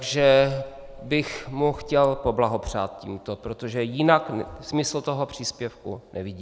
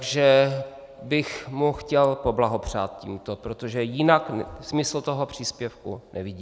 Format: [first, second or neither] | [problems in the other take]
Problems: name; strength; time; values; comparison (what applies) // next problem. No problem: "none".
second | background sound (Tick-tock); 18 dB below the speech